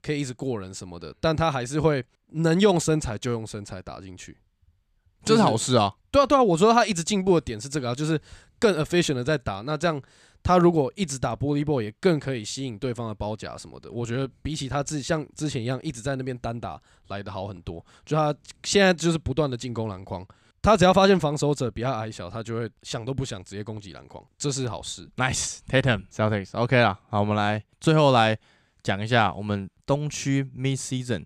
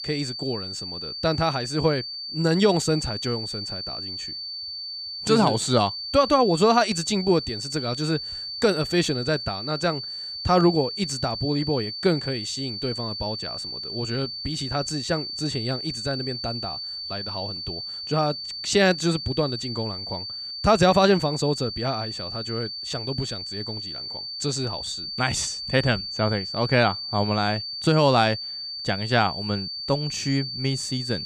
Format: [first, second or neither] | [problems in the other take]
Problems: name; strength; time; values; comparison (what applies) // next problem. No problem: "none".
first | high-pitched whine; loud; throughout; 4.5 kHz, 6 dB below the speech